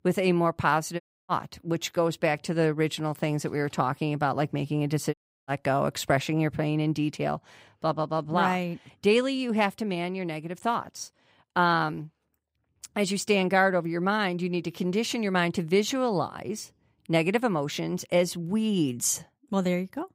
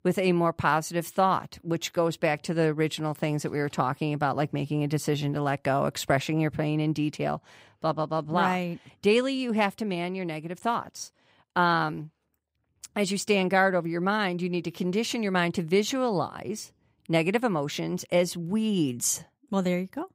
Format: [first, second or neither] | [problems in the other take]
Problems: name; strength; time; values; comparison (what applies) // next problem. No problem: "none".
second | audio cutting out; at 1 s and at 5 s